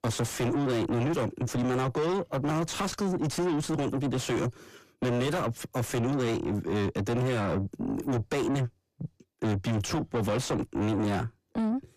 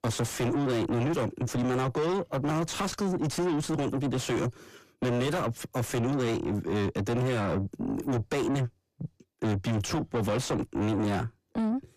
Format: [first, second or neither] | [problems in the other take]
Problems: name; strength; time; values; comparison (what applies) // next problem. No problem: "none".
neither | distortion; heavy; 5 dB below the speech; the same in both